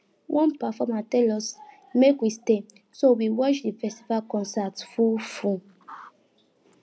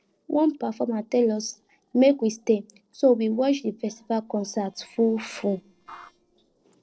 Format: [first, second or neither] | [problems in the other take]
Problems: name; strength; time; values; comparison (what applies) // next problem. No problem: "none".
first | noise reduction (neural separator model SepFormer DNS4)